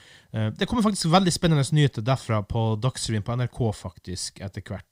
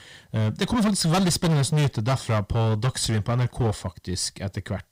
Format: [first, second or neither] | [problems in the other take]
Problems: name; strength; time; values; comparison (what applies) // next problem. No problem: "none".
first | distortion; heavy; 18% of the sound clipped